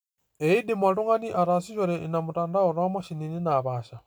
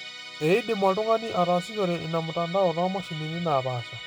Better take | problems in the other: first | background sound (Musical instrument); 13 dB below the speech

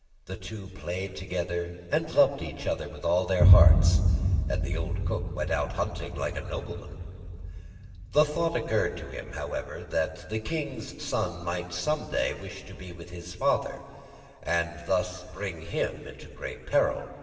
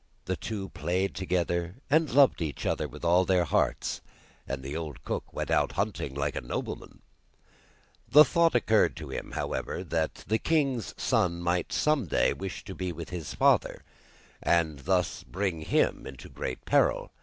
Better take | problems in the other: second | background sound (Boom); as loud as the speech // room echo; dies away in 2.2 s

